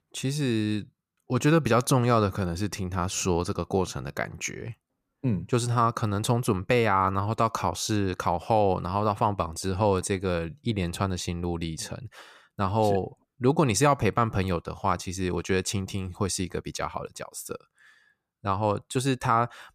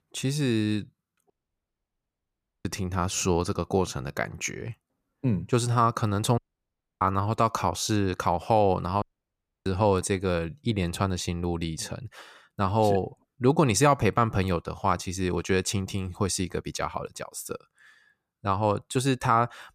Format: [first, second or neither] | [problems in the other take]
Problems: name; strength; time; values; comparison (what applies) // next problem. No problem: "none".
first | audio cutting out; at 1.5 s for 1.5 s, at 6.5 s for 0.5 s and at 9 s for 0.5 s